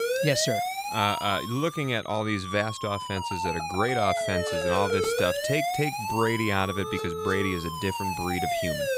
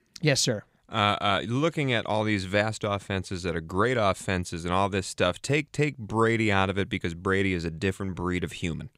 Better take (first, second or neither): second